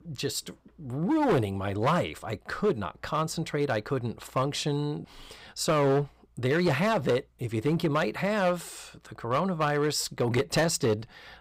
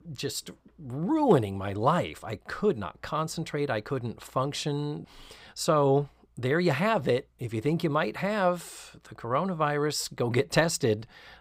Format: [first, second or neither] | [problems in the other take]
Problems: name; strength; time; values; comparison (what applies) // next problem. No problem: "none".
second | distortion; slight; 5% of the sound clipped